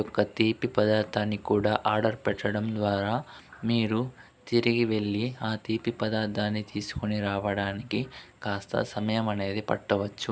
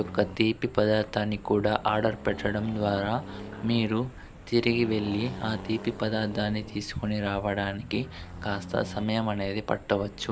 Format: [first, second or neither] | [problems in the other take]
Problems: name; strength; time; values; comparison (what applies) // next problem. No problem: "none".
first | background sound (Accelerating, revving, vroom); 14 dB below the speech